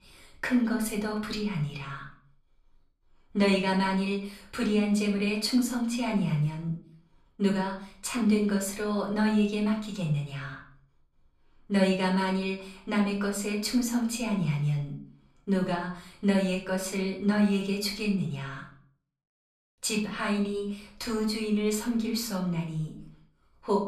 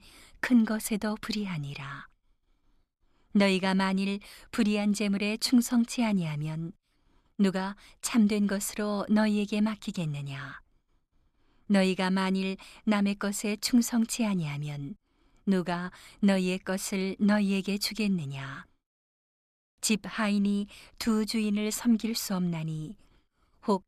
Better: second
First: off-mic speech; somewhat distant // room echo; slight; dies away in 0.4 s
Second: none

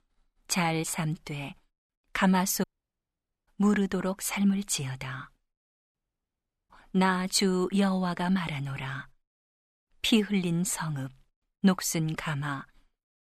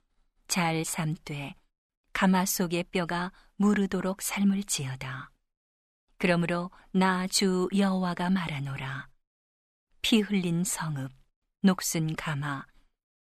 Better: second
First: audio cutting out; at 2.5 s for 1 s and at 6 s for 1 s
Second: none

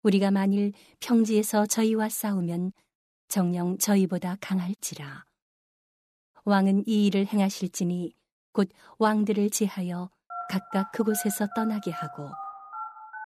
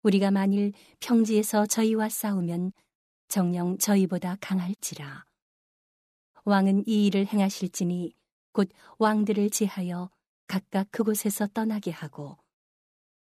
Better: second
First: phone ringing; faint; from 10 s on; peak 10 dB below the speech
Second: none

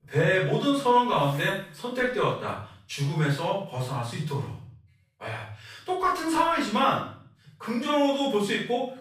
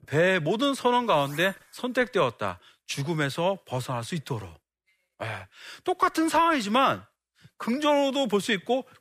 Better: second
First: off-mic speech; far // room echo; noticeable; dies away in 0.5 s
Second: none

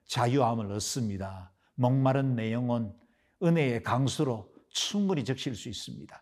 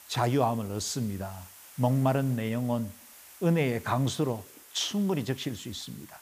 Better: first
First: none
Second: hiss; noticeable; throughout; 20 dB below the speech

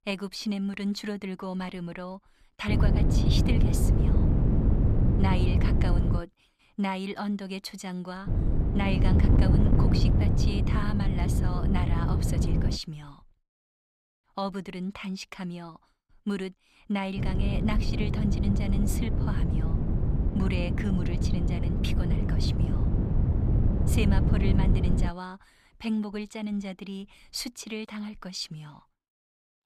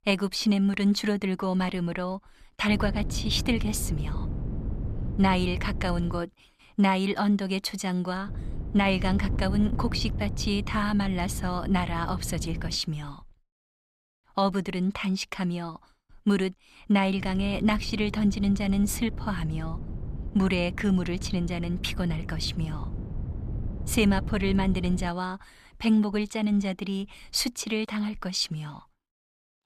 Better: second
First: wind noise on the microphone; heavy; from 2.5 to 6 s, from 8.5 to 13 s and from 17 to 25 s; as loud as the speech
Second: wind noise on the microphone; occasional gusts; from 2.5 to 6 s, from 8.5 to 13 s and from 17 to 25 s; 15 dB below the speech

